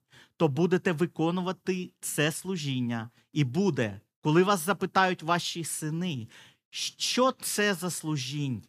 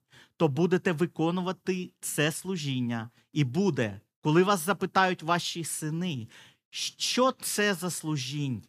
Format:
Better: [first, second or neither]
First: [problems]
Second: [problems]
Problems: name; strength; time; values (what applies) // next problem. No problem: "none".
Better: neither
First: none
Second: none